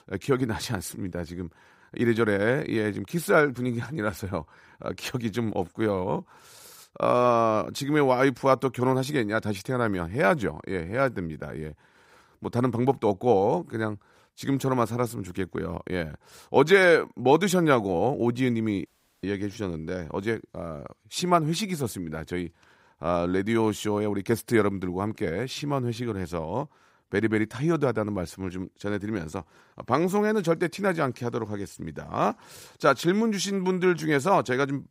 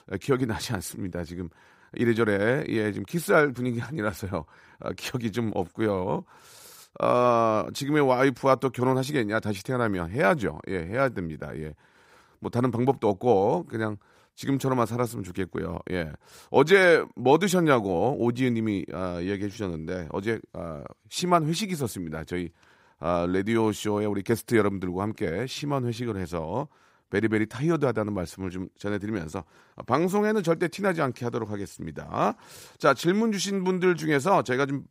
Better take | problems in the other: second | audio cutting out; at 19 s

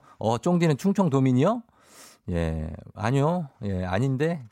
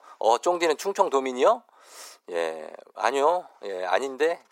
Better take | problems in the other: first | thin; very; fading below 350 Hz

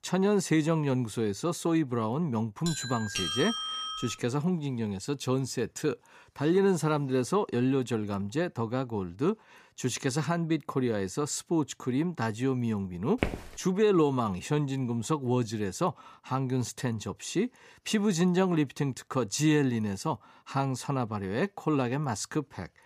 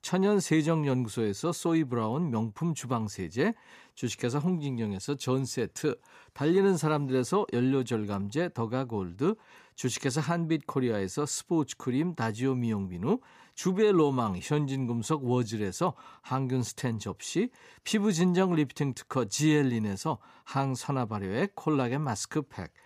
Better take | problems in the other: second | doorbell; noticeable; from 2.5 to 4 s; peak 1 dB below the speech // footsteps; noticeable; at 13 s; peak 4 dB below the speech

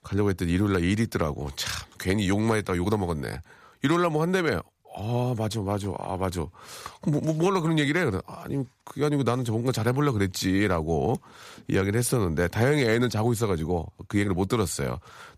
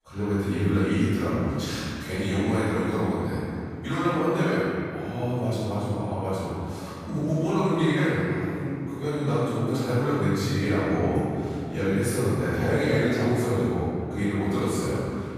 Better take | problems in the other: first | off-mic speech; far // room echo; strong; dies away in 2.4 s

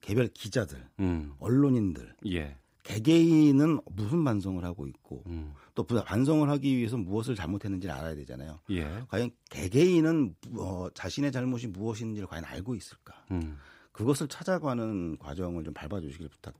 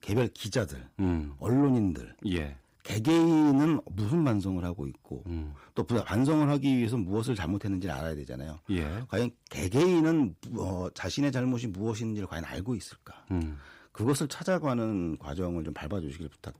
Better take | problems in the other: first | distortion; slight; 10 dB below the speech

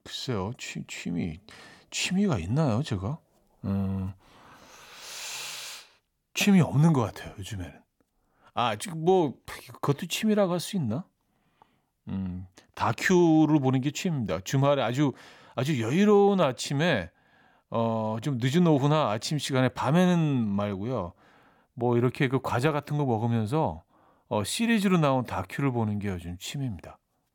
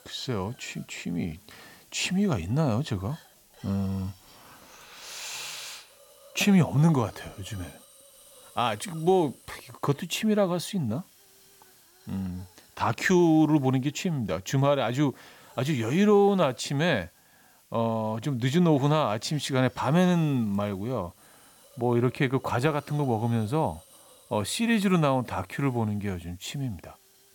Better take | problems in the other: first | hiss; faint; throughout; 25 dB below the speech

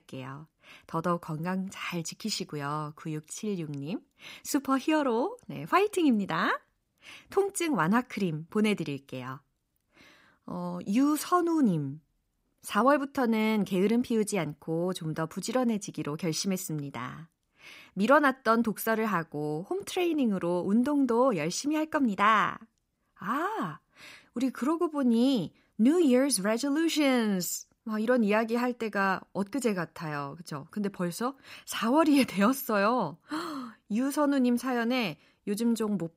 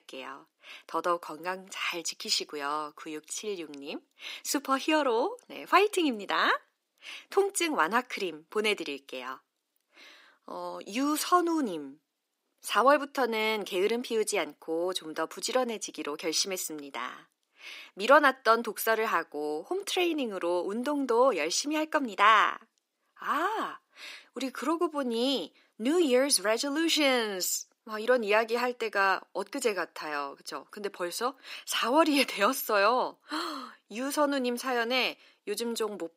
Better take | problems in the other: first | thin; somewhat; fading below 350 Hz

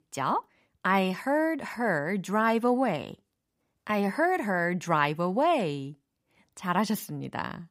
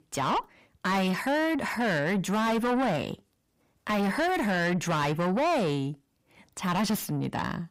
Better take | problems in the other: first | distortion; heavy; 6 dB below the speech

